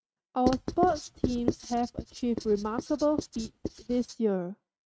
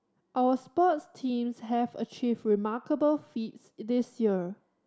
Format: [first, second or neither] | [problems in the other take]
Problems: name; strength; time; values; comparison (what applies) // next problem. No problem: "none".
second | noise reduction (neural mask model RNNoise)